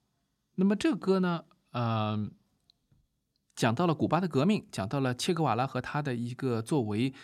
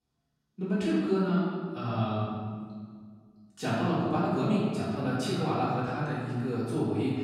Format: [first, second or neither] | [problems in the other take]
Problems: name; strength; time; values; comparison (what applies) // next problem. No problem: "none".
first | room echo; strong; dies away in 1.7 s // off-mic speech; far